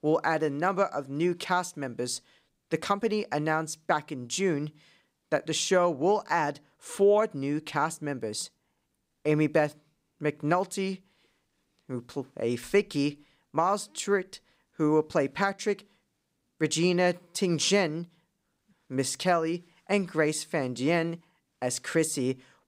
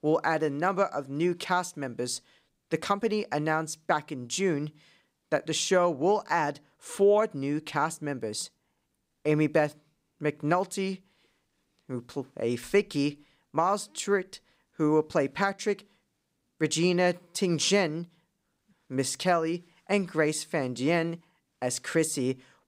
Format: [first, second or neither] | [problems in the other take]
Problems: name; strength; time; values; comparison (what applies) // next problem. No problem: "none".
neither | none